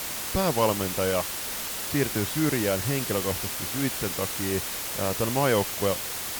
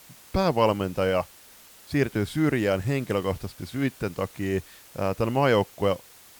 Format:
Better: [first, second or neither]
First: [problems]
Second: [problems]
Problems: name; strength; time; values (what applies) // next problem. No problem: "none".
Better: second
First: hiss; loud; throughout; 1 dB below the speech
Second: hiss; faint; throughout; 20 dB below the speech